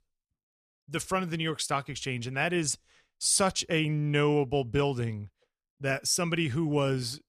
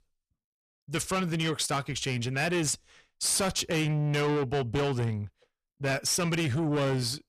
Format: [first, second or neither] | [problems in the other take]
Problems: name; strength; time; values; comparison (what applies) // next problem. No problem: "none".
first | distortion; heavy; 8 dB below the speech